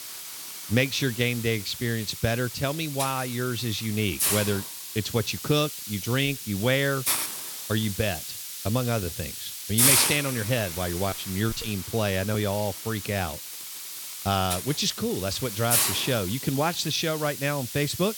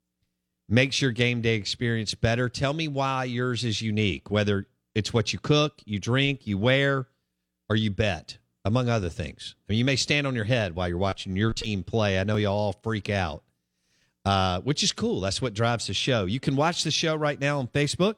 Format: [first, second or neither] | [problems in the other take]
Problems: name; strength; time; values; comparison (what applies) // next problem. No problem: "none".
second | hiss; loud; throughout; 2 dB below the speech